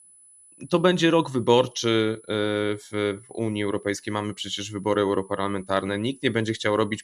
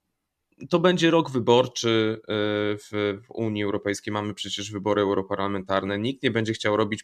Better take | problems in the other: second | high-pitched whine; faint; throughout; 10 kHz, 25 dB below the speech

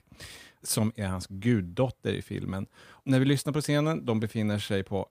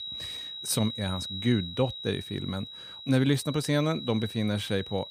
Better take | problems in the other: first | high-pitched whine; loud; throughout; 4 kHz, 9 dB below the speech

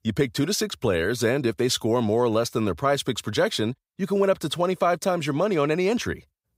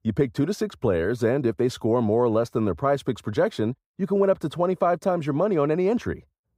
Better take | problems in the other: first | muffled; slightly; fading above 2 kHz

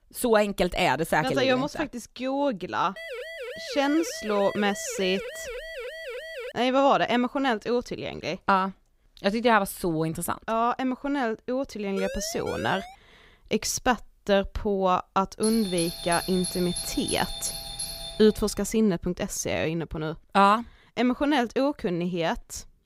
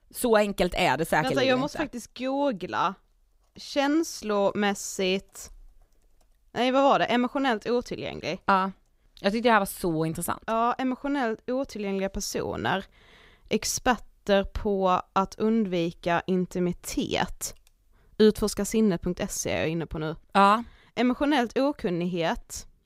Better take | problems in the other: second | siren; noticeable; from 3 to 6.5 s and at 12 s; peak 9 dB below the speech // doorbell; noticeable; from 15 to 19 s; peak 5 dB below the speech

